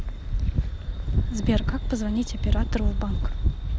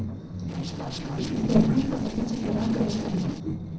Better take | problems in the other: first | noise reduction (neural separator model SepFormer DNS4)

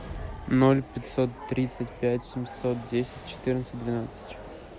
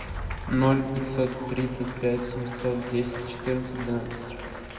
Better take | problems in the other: first | background sound (Applause); 15 dB below the speech // room echo; dies away in 2 s

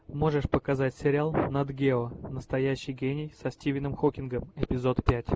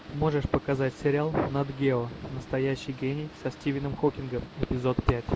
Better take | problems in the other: first | background sound (Boat, Water vehicle); 18 dB below the speech

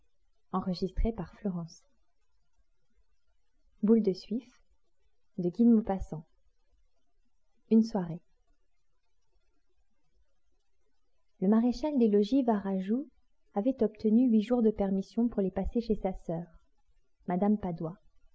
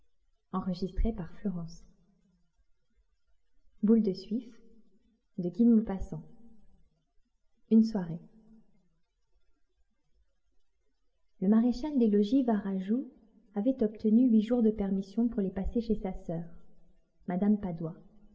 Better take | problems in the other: first | room echo; dies away in 1 s

